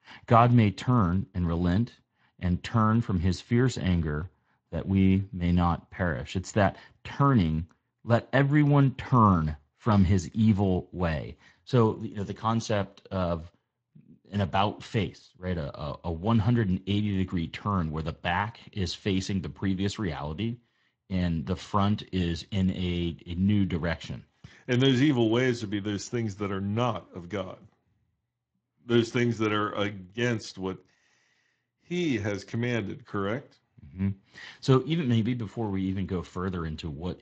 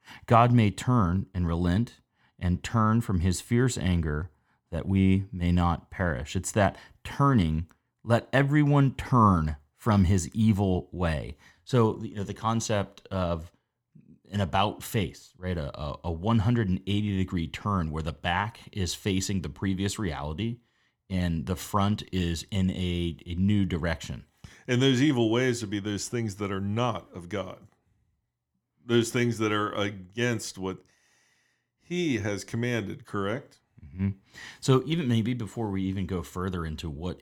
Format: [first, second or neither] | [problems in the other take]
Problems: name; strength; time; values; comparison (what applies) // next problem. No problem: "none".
second | garbled, watery; slightly; nothing above 7.5 kHz